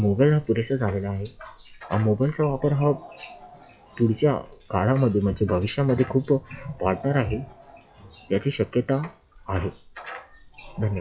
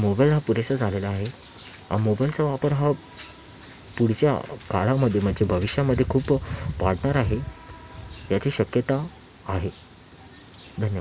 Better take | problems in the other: second | noise reduction (classical method log-MMSE)

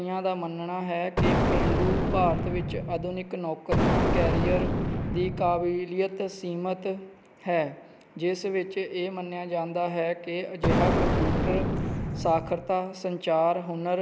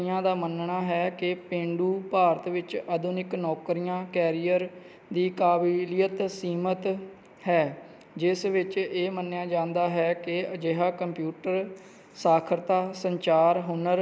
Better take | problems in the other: second | background sound (Explosion); 4 dB above the speech

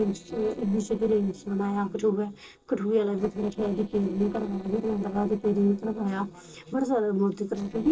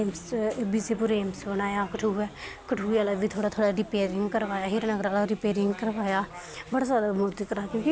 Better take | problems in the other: second | noise reduction (neural separator model SepFormer DNS4)

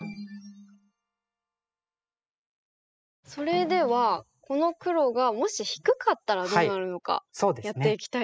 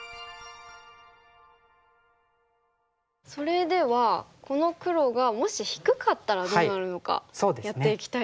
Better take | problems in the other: second | noise reduction (classical method spectral subtraction)

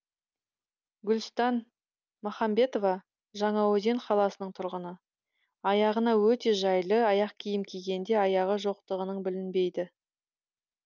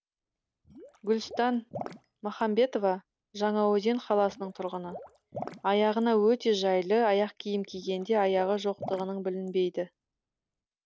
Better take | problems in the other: first | background sound (Water / Liquid); 18 dB below the speech

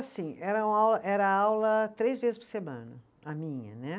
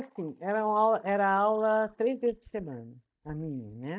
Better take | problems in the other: first | noise reduction (neural mask model DeepFilterNet 3)

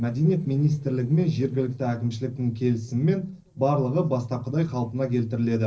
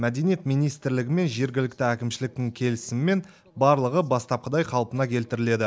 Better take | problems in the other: second | noise reduction (neural separator model SepFormer DNS4)

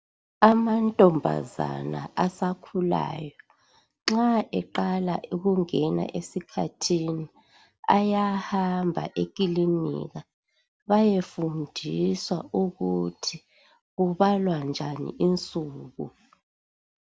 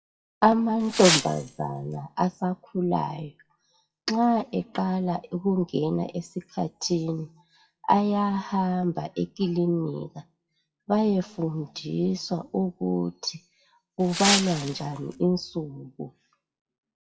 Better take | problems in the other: first | noise reduction (classical method WPE with log-MMSE)

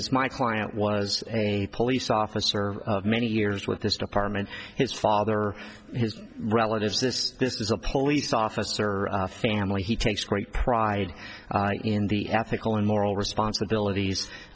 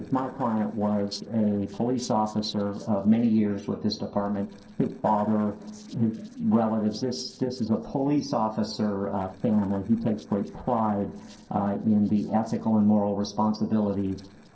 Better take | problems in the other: first | noise reduction (neural separator model SepFormer DNS4)

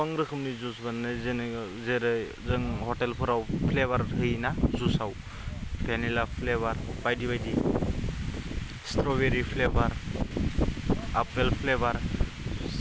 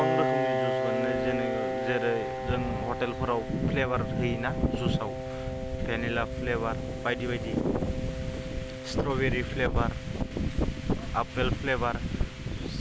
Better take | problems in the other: first | background sound (Piano); 4 dB below the speech

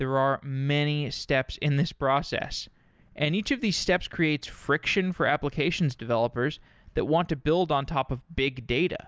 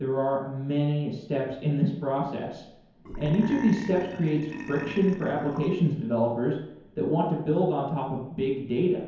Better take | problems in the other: first | background sound (Burping, eructation); 12 dB below the speech // room echo; dies away in 0.9 s

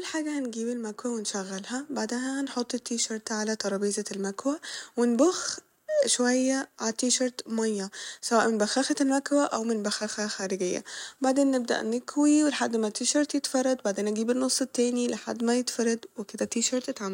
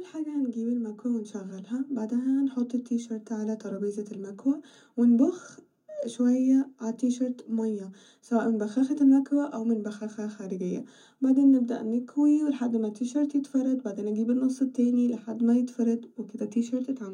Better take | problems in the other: first | room echo; dies away in 0.3 s

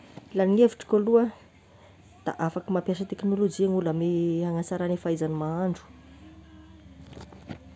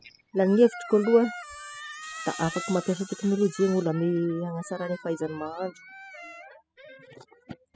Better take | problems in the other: first | noise reduction (classical method spectral subtraction)

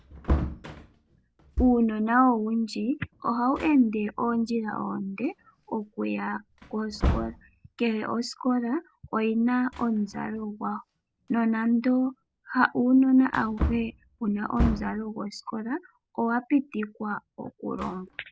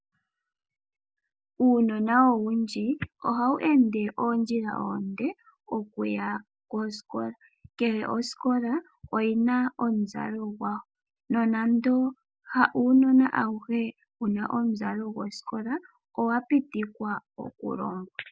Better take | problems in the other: second | background sound (Wood); 9 dB below the speech

